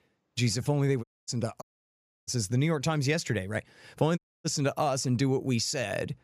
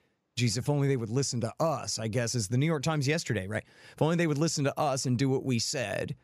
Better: second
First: audio cutting out; at 1 s, at 1.5 s for 0.5 s and at 4 s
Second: none

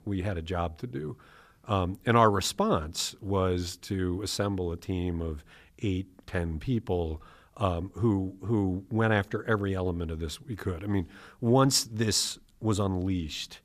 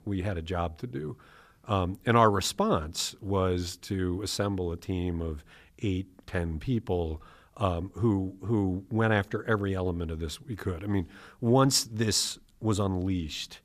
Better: neither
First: none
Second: none

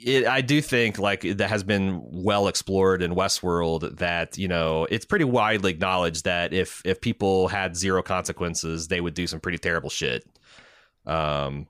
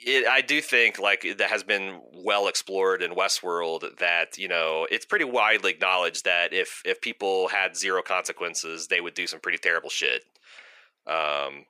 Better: first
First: none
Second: thin; very; fading below 400 Hz

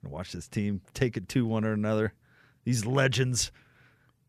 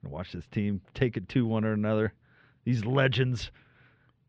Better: first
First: none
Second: muffled; slightly; fading above 3.5 kHz

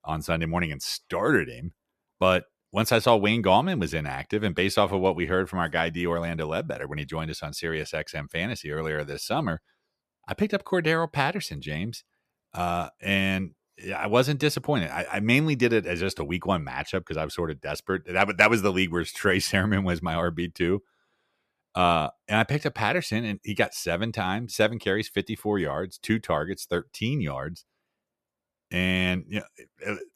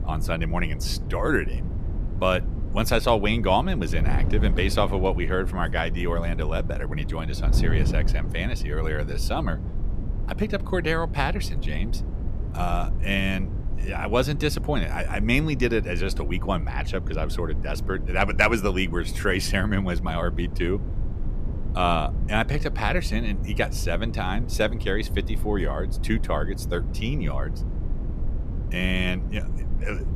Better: first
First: none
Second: wind noise on the microphone; occasional gusts; 15 dB below the speech

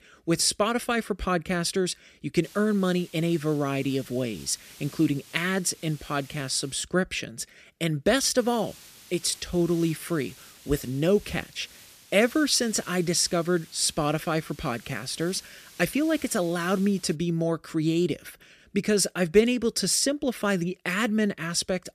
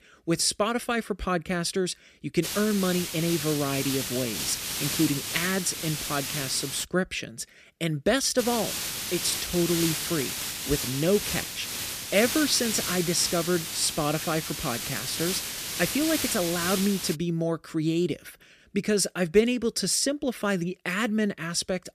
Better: first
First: hiss; faint; from 2.5 to 7 s and from 8.5 to 17 s; 20 dB below the speech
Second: hiss; loud; from 2.5 to 7 s and from 8.5 to 17 s; 3 dB below the speech

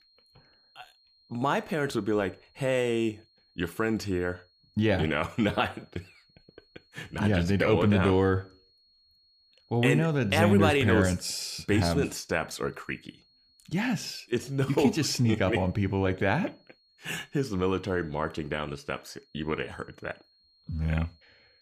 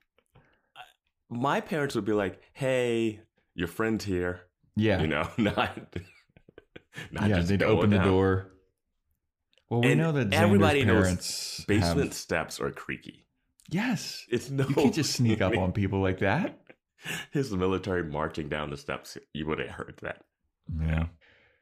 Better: second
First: high-pitched whine; faint; throughout; 4.5 kHz, 35 dB below the speech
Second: none

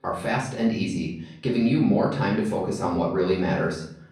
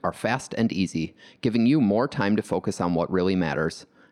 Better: second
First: off-mic speech; far // room echo; noticeable; dies away in 0.5 s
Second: none

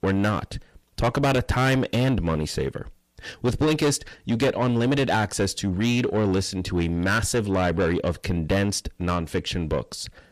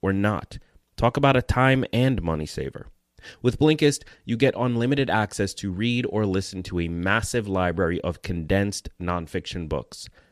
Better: second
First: distortion; heavy; 7 dB below the speech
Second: none

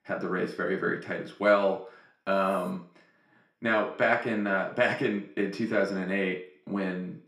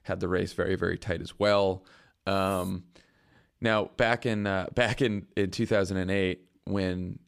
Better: second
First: room echo; slight; dies away in 0.5 s // off-mic speech; somewhat distant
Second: none

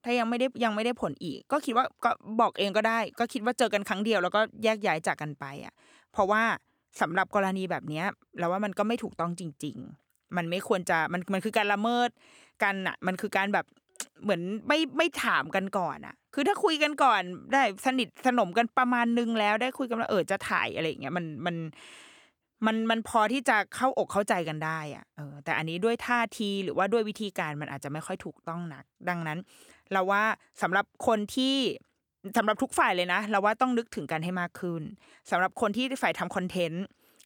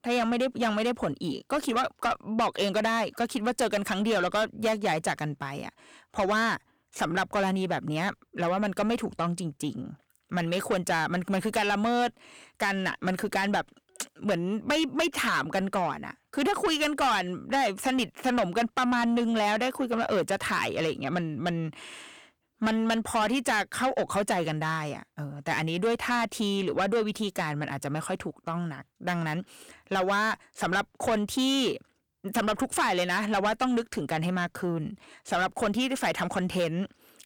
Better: first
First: none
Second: distortion; heavy; 8 dB below the speech

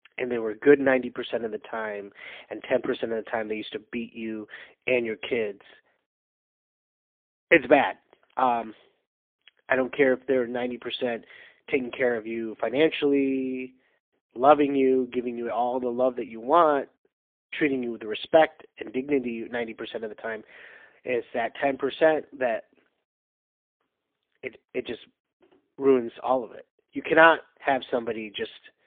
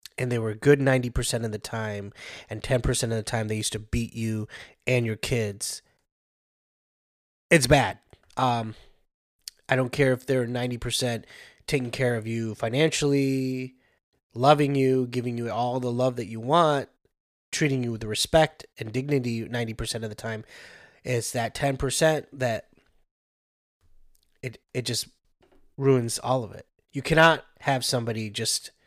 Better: second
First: phone-call audio; poor line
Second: none

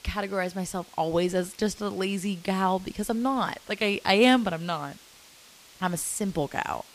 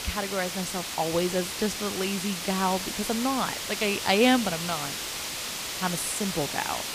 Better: first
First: hiss; faint; throughout; 25 dB below the speech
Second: hiss; loud; throughout; 3 dB below the speech

